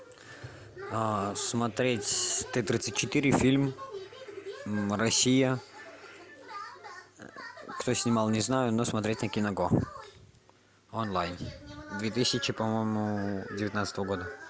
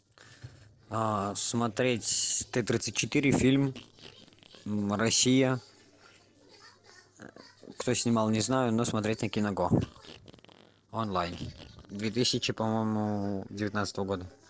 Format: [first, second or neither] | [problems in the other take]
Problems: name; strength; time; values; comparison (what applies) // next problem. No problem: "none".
first | noise reduction (neural separator model SepFormer DNS4)